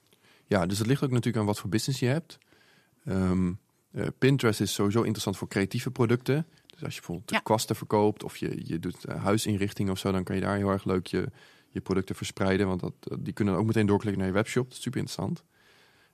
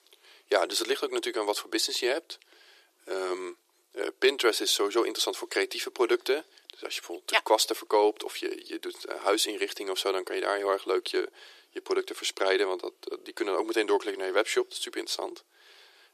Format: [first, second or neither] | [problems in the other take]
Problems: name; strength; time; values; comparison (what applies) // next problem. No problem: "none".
first | thin; very; fading below 350 Hz